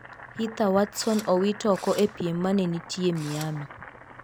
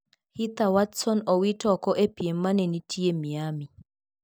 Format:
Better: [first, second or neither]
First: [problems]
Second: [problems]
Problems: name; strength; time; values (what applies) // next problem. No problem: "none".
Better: second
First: background sound (Boiling + Engine / Drill); 16 dB below the speech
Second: none